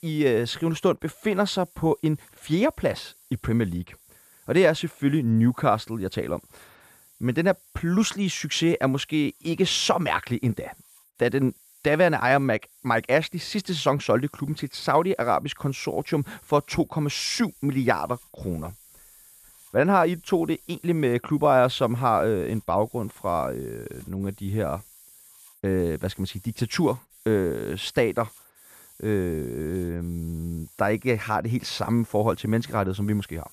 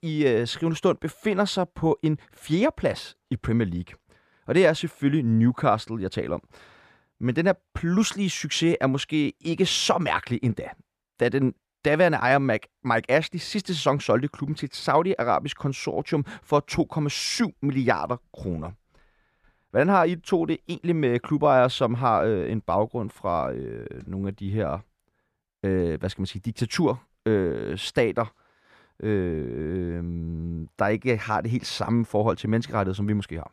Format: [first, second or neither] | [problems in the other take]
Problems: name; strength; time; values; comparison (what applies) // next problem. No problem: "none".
second | hiss; faint; throughout; 25 dB below the speech